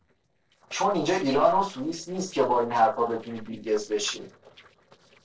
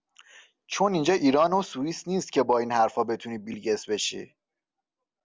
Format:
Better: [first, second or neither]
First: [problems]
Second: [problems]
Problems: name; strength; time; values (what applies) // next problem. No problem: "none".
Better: second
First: noise reduction (neural separator model SepFormer DNS4)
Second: none